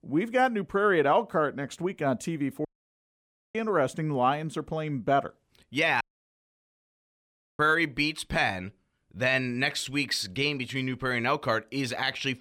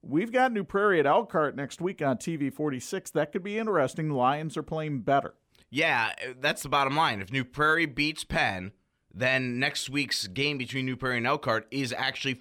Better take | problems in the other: second | audio cutting out; at 2.5 s for 1 s and at 6 s for 1.5 s

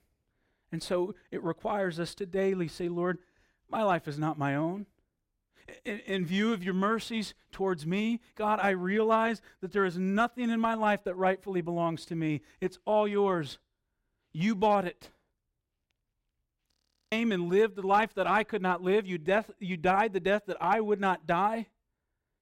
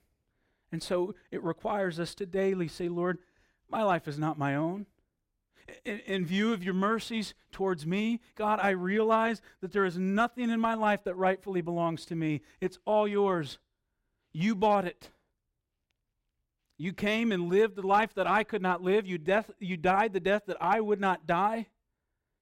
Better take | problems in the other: second | audio freezing; at 17 s

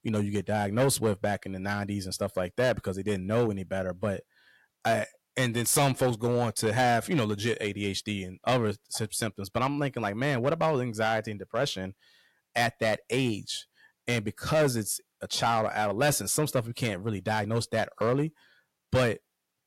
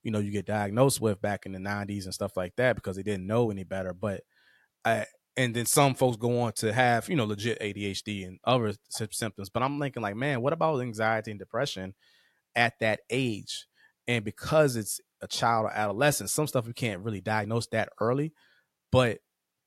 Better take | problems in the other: second | distortion; slight; 5% of the sound clipped

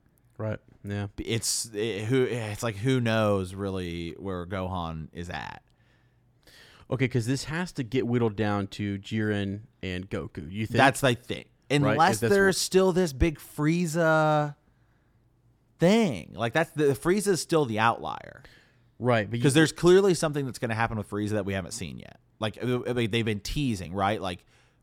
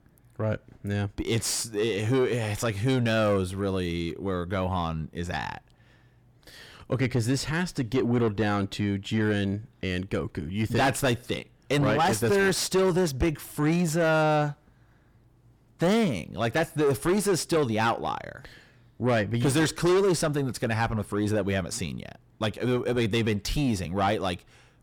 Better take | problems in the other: first | distortion; heavy; 7 dB below the speech

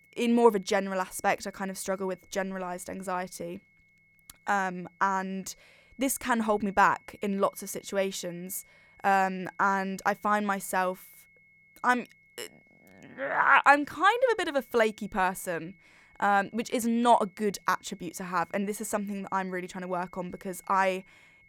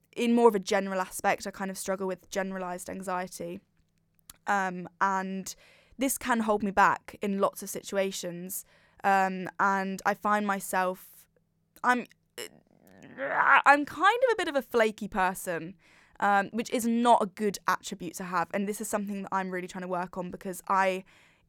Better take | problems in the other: second | high-pitched whine; faint; throughout; 2 kHz, 30 dB below the speech

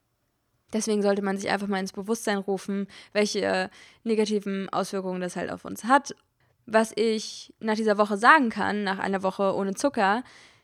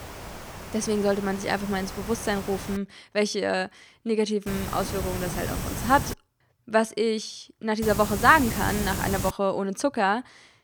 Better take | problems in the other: first | hiss; loud; until 3 s, from 4.5 to 6 s and from 8 to 9.5 s; 8 dB below the speech

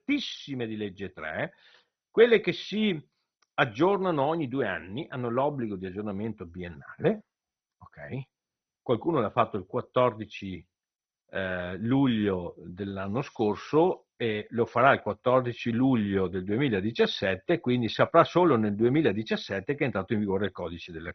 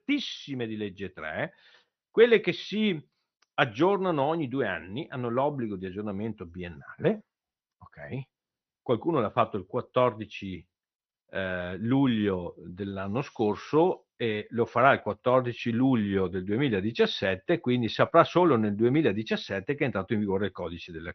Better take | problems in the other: second | garbled, watery; badly; nothing above 6 kHz; slightly in the second

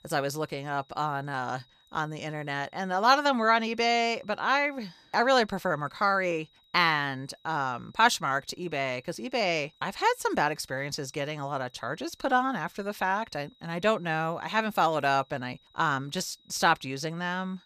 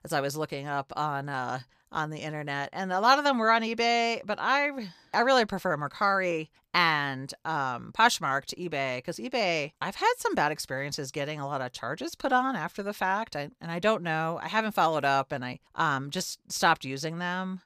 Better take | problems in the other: second | high-pitched whine; faint; throughout; 4 kHz, 35 dB below the speech

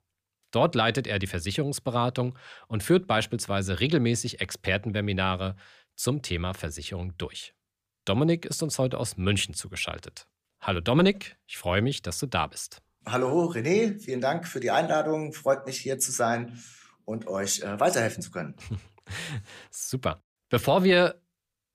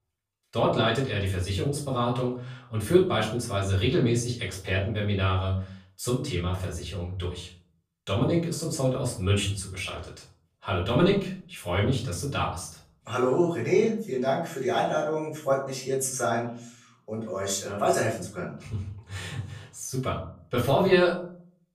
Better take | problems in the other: first | room echo; slight; dies away in 0.5 s // off-mic speech; far

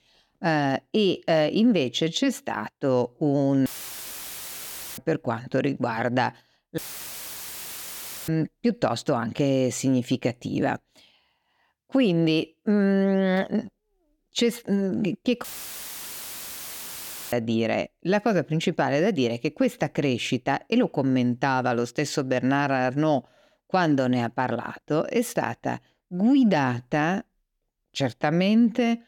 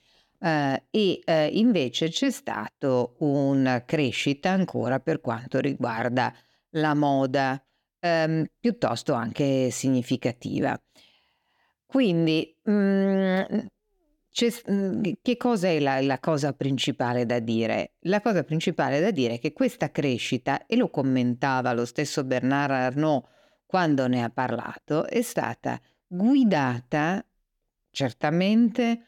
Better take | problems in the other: second | audio cutting out; filled with static; at 3.5 s for 1.5 s, at 7 s for 1.5 s and at 15 s for 2 s

